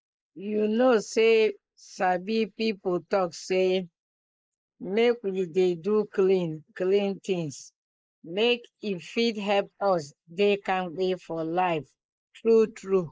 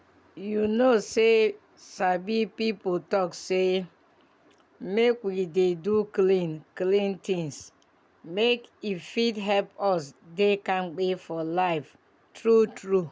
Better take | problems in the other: second | noise reduction (neural mask model Resemble Enhance denoiser)

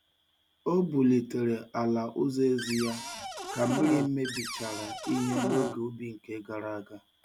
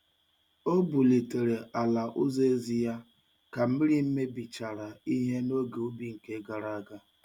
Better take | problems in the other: second | background sound (Cupboard open or close); 4 dB below the speech

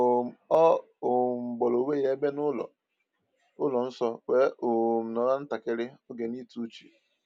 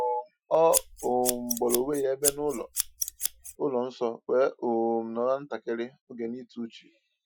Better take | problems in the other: first | noise reduction (classical method Wiener filter)

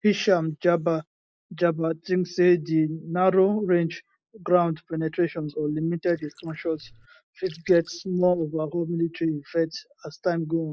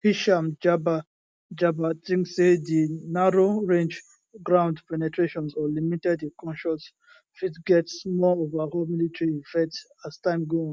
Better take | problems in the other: second | noise reduction (neural mask model Resemble Enhance denoiser)

